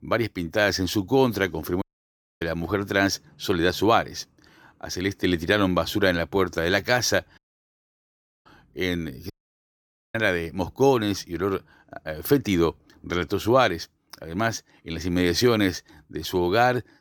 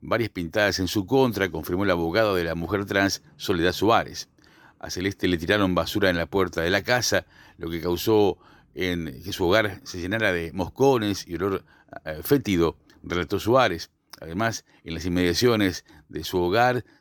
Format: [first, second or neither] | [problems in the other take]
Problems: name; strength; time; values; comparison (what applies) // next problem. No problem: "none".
second | audio cutting out; at 2 s for 0.5 s, at 7.5 s for 1 s and at 9.5 s for 1 s